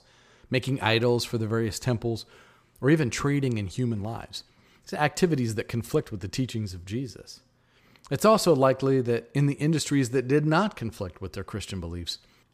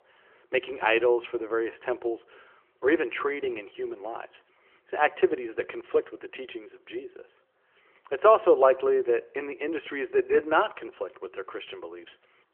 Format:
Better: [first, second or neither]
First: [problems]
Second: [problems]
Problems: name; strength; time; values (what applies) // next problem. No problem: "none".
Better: first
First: none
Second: phone-call audio